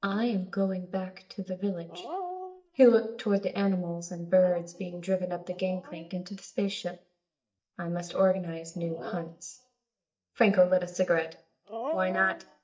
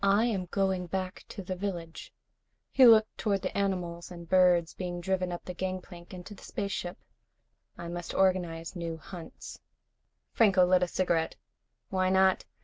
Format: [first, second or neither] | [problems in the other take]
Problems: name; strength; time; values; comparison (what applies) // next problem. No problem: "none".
second | noise reduction (neural mask model DeepFilterNet 3)